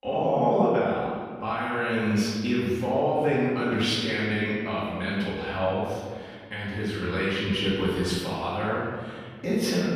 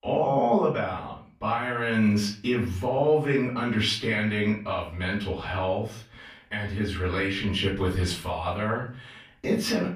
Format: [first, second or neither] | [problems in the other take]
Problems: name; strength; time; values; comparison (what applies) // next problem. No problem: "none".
second | room echo; strong; dies away in 1.7 s; slight in the second // off-mic speech; far; far in the second